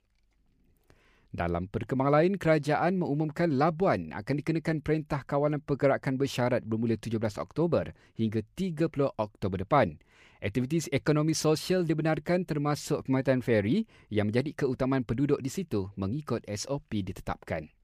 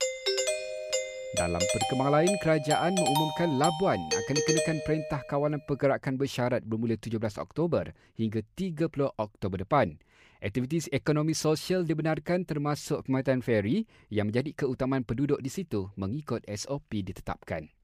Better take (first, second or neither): first